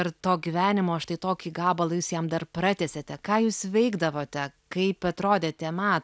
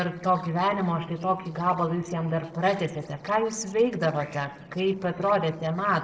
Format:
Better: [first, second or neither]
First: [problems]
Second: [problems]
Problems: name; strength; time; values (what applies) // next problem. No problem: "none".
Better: first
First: none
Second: noise reduction (neural separator model SepFormer DNS4)